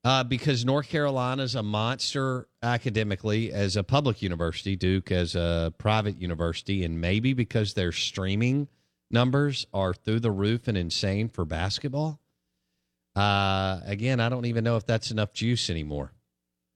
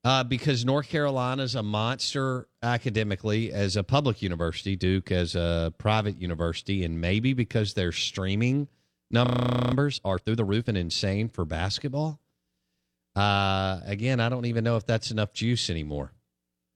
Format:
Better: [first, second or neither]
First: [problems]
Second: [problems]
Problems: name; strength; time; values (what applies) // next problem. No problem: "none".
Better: first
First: none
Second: audio freezing; at 9.5 s